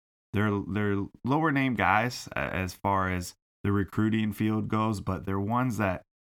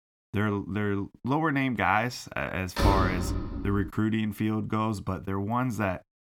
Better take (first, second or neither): first